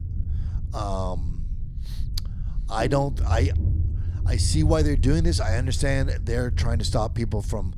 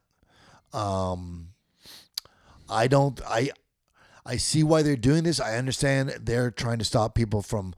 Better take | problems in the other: second | low rumble; noticeable; throughout; 15 dB below the speech

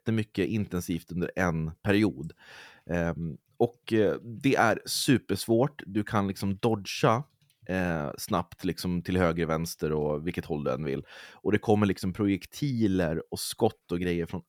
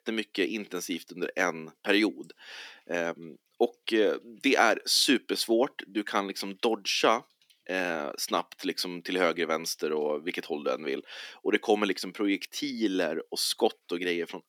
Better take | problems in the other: first | thin; very slightly; fading below 250 Hz

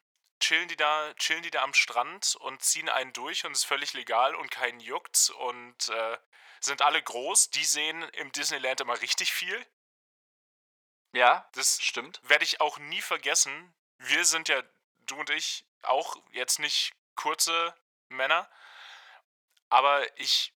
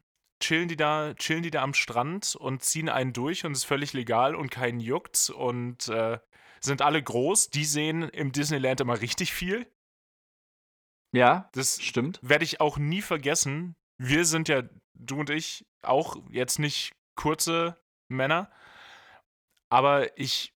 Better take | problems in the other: second | thin; very; fading below 800 Hz

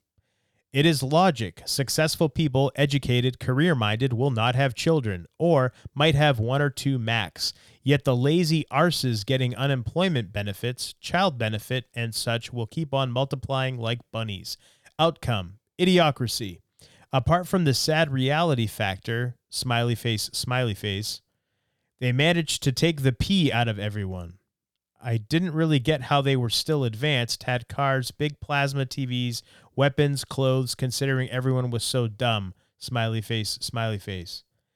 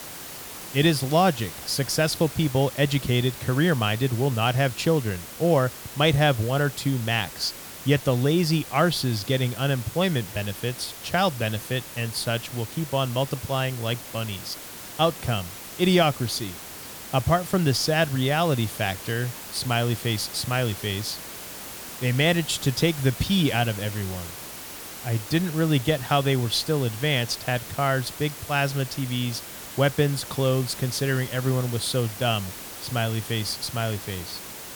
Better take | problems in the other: first | hiss; noticeable; throughout; 10 dB below the speech

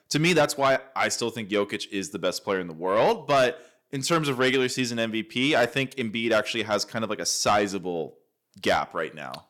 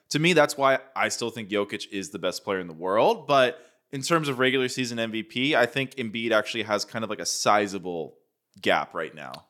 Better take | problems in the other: second | distortion; slight; 10 dB below the speech

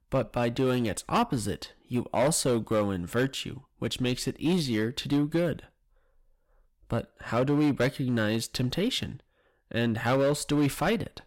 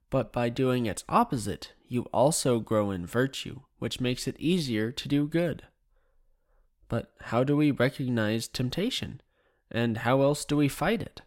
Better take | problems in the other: second | distortion; slight; 6% of the sound clipped

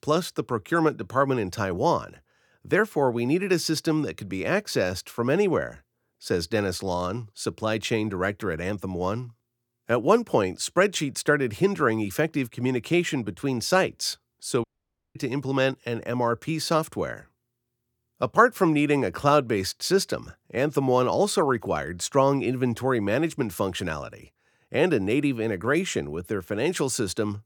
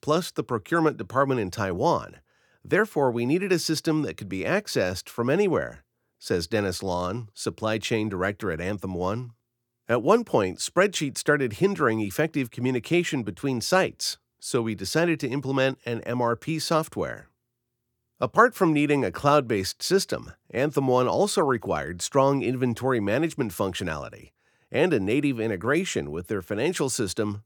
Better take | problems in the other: second | audio cutting out; at 15 s for 0.5 s

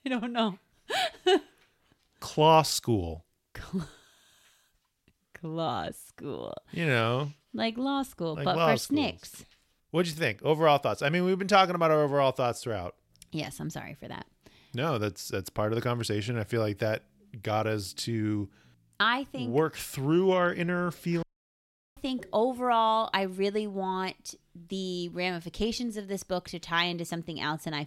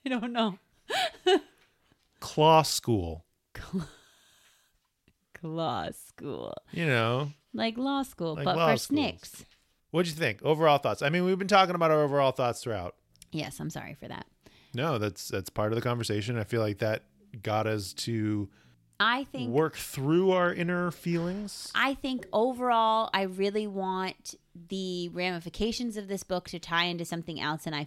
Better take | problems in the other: second | audio cutting out; at 21 s for 0.5 s

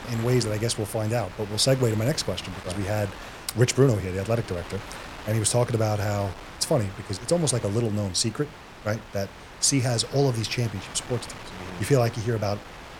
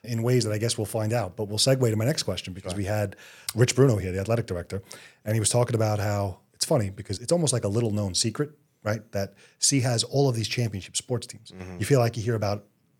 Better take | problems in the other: second | wind noise on the microphone; occasional gusts; 10 dB below the speech

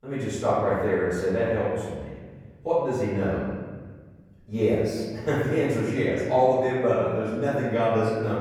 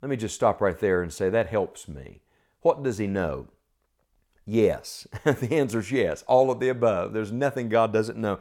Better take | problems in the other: second | room echo; strong; dies away in 1.6 s // off-mic speech; far

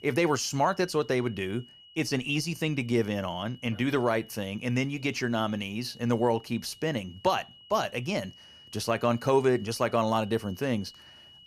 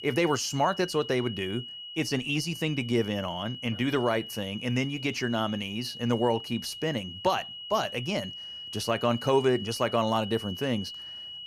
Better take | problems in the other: first | high-pitched whine; loud; throughout; 3 kHz, 10 dB below the speech; faint in the first

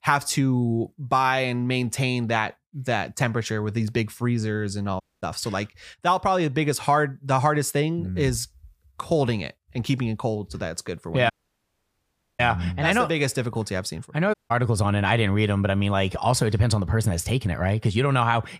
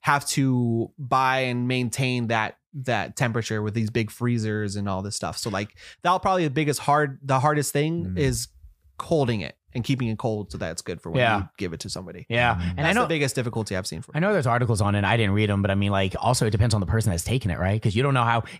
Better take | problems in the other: second | audio cutting out; at 5 s, at 11 s for 1 s and at 14 s

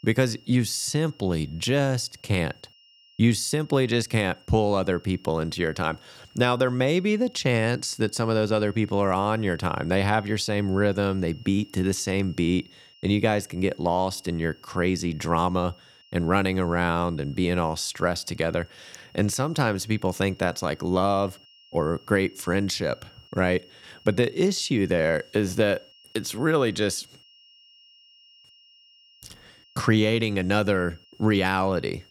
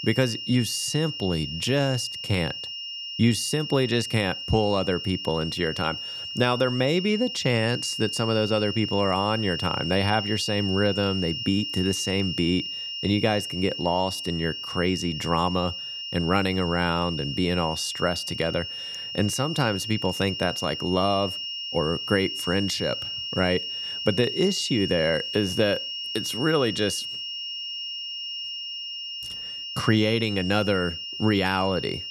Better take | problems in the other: first | high-pitched whine; loud; throughout; 3 kHz, 5 dB below the speech; faint in the first

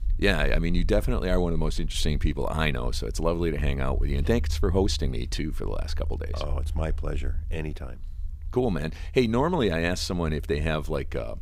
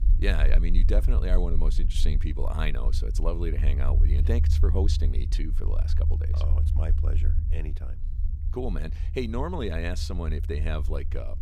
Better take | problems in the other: first | low rumble; loud; throughout; 10 dB below the speech; faint in the first

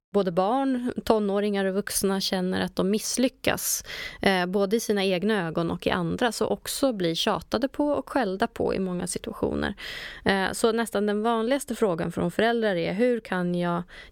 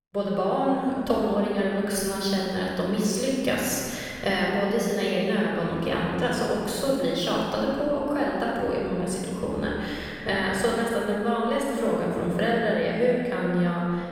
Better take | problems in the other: first | off-mic speech; far // room echo; strong; dies away in 2.1 s

